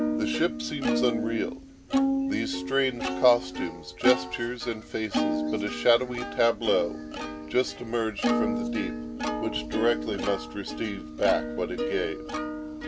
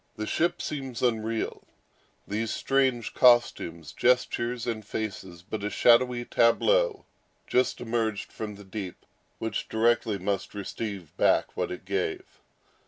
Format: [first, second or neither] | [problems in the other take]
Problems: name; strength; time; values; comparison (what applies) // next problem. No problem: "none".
second | background sound (Plucked string instrument); 2 dB below the speech